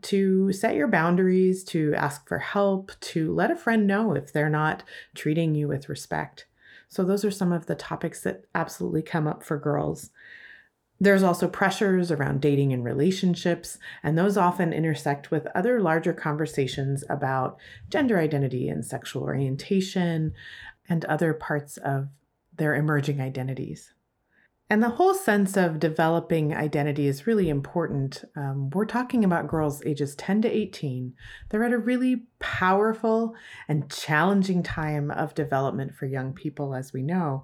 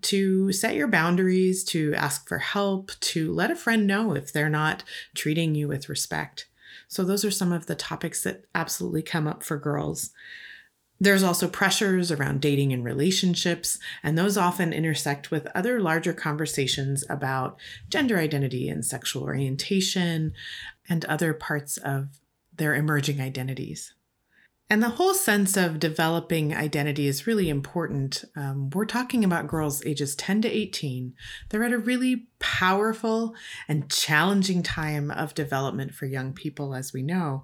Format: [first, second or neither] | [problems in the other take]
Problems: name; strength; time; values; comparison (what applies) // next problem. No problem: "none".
second | muffled; slightly; fading above 2.5 kHz